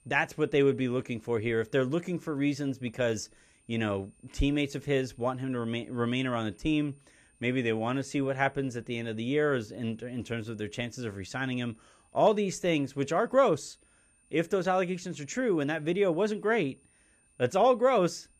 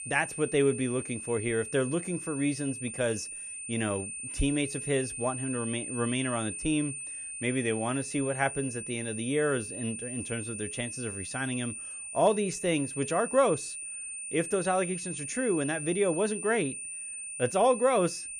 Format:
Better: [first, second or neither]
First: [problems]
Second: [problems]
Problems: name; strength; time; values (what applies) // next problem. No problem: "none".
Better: first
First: high-pitched whine; faint; throughout; 9 kHz, 35 dB below the speech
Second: high-pitched whine; loud; throughout; 9 kHz, 6 dB below the speech